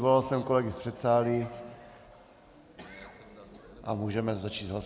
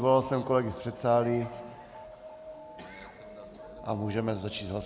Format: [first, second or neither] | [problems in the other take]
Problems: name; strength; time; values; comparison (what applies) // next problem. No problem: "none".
first | background sound (Alarm); 17 dB below the speech